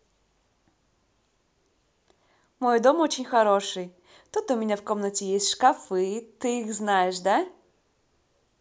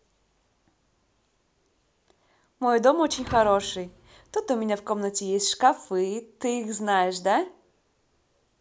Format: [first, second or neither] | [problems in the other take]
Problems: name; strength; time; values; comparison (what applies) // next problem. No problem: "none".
first | background sound (Thump, thud); 18 dB below the speech